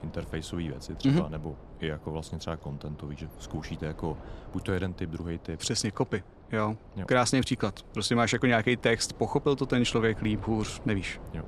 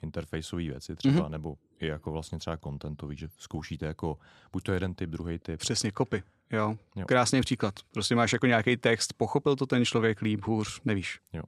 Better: second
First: wind noise on the microphone; occasional gusts; 20 dB below the speech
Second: none

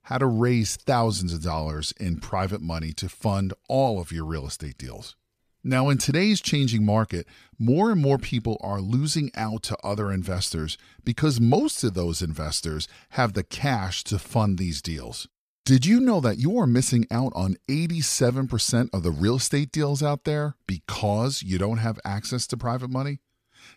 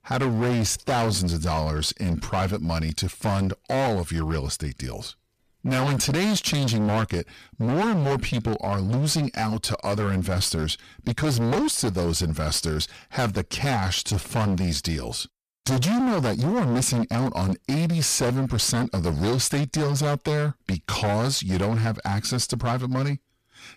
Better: first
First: none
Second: distortion; heavy; 25% of the sound clipped

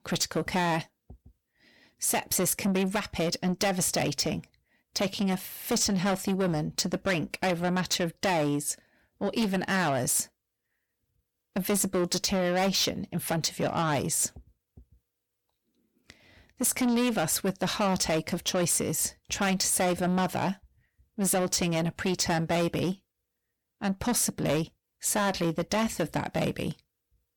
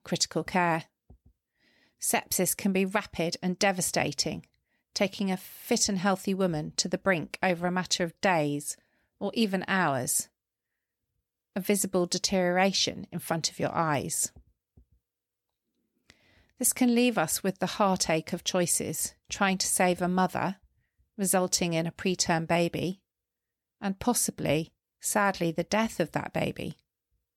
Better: second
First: distortion; heavy; 7 dB below the speech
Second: none

